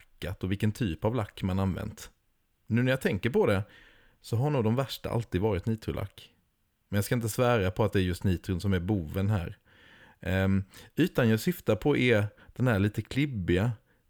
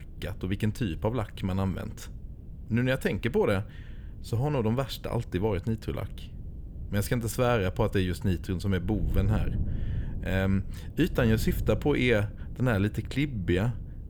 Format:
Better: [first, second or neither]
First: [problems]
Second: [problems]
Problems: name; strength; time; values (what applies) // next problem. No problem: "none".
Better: first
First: none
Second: wind noise on the microphone; occasional gusts; 20 dB below the speech